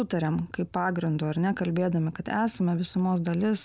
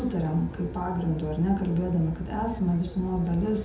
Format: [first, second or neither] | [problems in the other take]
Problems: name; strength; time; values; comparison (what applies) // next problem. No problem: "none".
first | background sound (Aircraft); 11 dB below the speech // room echo; dies away in 0.7 s